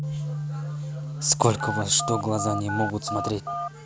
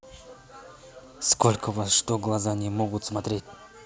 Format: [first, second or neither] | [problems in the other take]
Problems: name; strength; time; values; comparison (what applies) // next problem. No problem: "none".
second | background sound (Telephone + Bass guitar); 4 dB below the speech